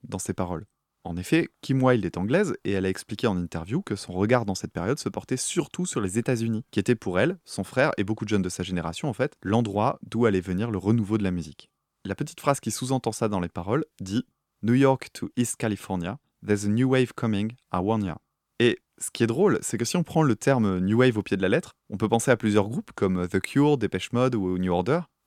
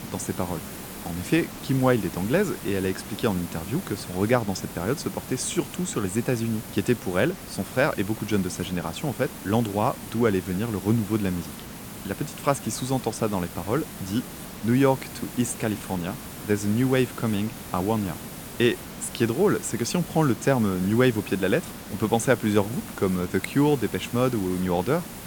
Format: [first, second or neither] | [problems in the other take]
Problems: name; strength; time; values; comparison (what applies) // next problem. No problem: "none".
first | hiss; noticeable; throughout; 10 dB below the speech